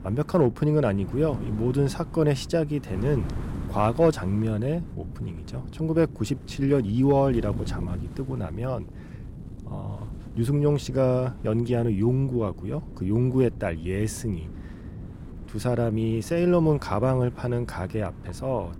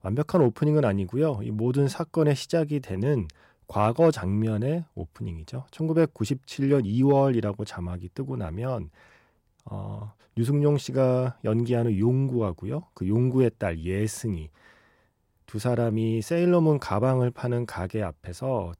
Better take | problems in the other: second | wind noise on the microphone; occasional gusts; 20 dB below the speech

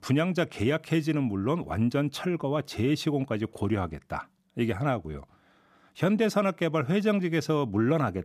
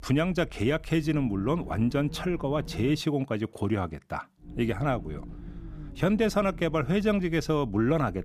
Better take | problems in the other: first | low rumble; faint; until 3 s and from 4.5 s on; 20 dB below the speech

